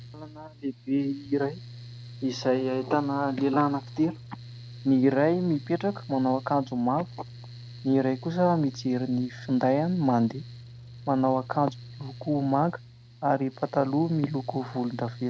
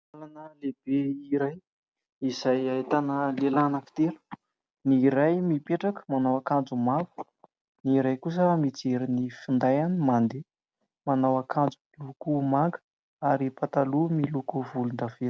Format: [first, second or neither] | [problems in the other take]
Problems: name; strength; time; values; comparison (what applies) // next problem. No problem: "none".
second | background sound (Mechanical fan); 16 dB below the speech